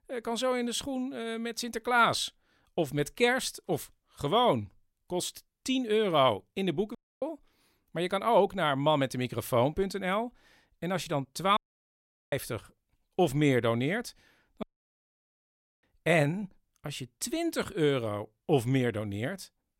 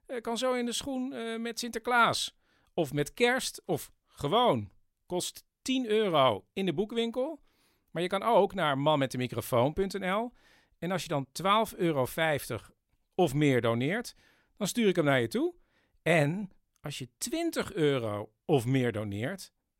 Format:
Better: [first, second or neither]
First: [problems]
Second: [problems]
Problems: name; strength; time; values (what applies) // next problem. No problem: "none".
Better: second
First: audio cutting out; at 7 s, at 12 s for 1 s and at 15 s for 1 s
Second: none